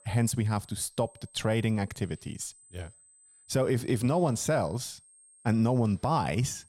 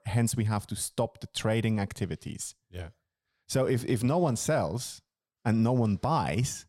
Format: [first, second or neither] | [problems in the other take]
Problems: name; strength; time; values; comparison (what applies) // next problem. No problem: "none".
second | high-pitched whine; faint; throughout; 8 kHz, 25 dB below the speech